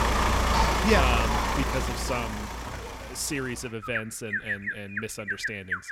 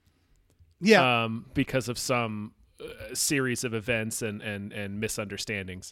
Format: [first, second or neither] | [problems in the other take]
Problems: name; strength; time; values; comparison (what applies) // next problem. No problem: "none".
second | animal sounds; very loud; throughout; 3 dB above the speech